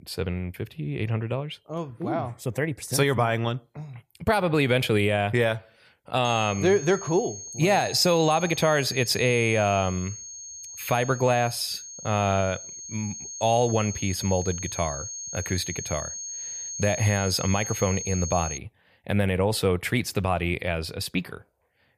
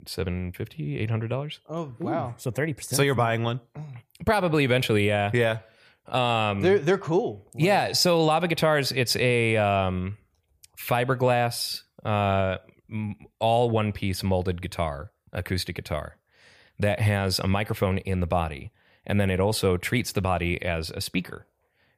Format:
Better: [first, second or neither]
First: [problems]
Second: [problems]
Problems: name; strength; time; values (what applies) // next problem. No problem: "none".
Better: second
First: high-pitched whine; loud; from 6.5 to 19 s; 6.5 kHz, 9 dB below the speech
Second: none